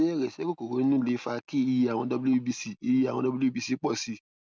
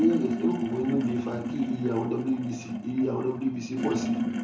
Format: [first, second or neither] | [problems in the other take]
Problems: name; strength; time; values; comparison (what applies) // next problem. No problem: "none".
first | background sound (Sink (filling or washing)); 3 dB below the speech // room echo; dies away in 0.6 s